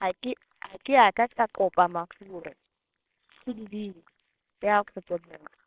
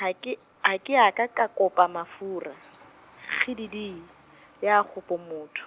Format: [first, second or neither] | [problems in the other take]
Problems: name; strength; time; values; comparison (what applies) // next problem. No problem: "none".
second | noise reduction (neural separator model SepFormer WHAMR!)